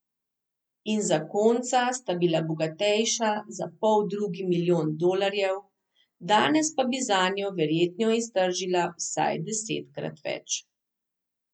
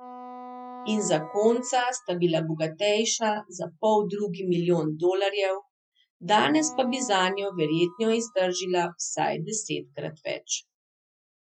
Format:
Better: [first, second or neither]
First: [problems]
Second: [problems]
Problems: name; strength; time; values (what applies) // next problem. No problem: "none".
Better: first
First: none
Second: noise reduction (classical method Wiener filter)